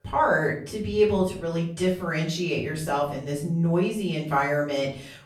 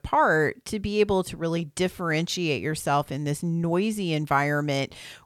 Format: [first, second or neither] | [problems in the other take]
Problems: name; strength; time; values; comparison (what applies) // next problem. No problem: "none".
second | off-mic speech; far // room echo; slight; dies away in 0.4 s